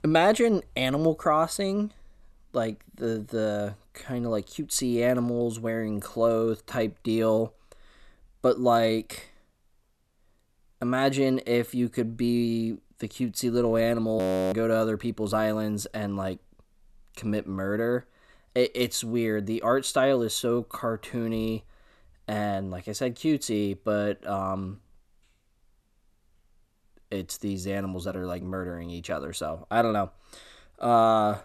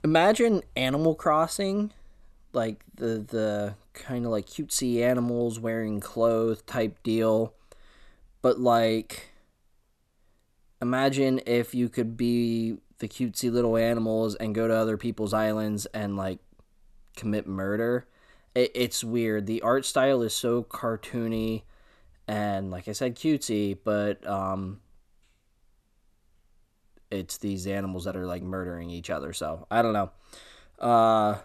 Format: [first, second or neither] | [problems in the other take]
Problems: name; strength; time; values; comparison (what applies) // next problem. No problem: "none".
second | audio freezing; at 14 s